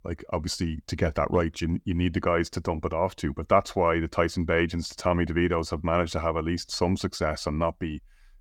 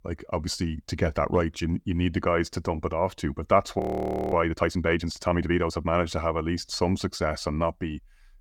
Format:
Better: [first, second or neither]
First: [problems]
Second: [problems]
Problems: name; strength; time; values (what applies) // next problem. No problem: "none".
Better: first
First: none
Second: audio freezing; at 4 s for 0.5 s